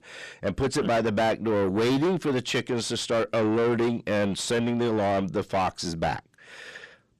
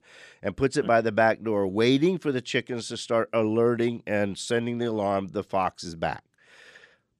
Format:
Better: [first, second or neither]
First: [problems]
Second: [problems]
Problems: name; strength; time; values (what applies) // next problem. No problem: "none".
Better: second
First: distortion; heavy; 6 dB below the speech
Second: none